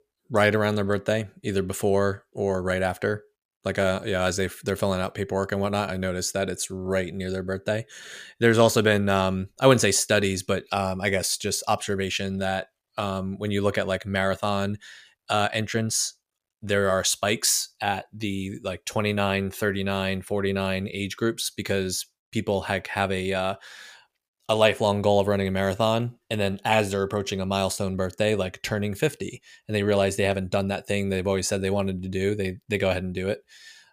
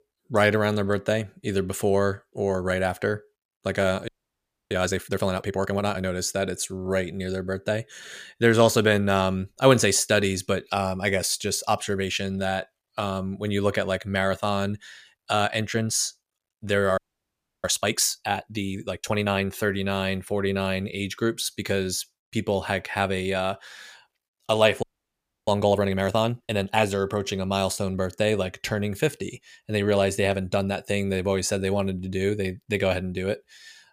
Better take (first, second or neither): first